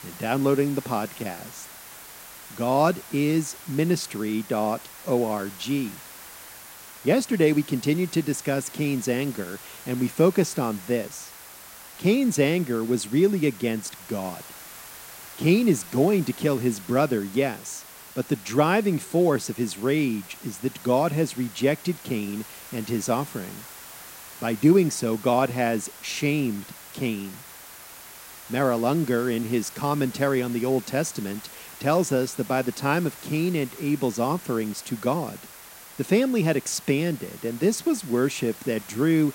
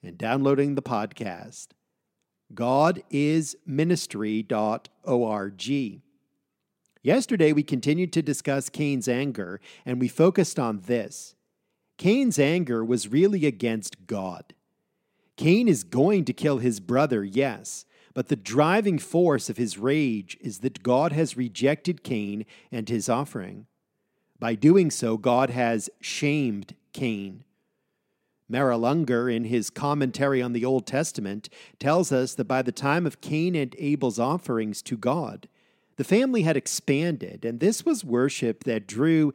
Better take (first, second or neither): second